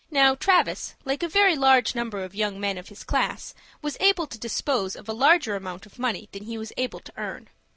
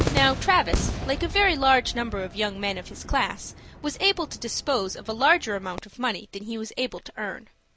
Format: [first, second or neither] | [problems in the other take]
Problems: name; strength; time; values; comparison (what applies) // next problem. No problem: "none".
first | background sound (Cheering / Fireworks); 8 dB below the speech